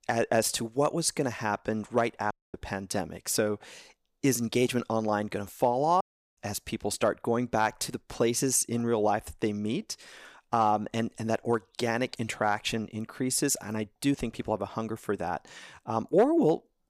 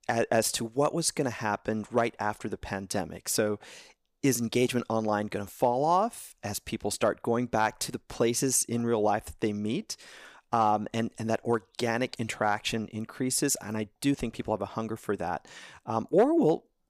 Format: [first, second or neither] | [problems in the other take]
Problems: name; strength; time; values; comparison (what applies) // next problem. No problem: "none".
second | audio cutting out; at 2.5 s and at 6 s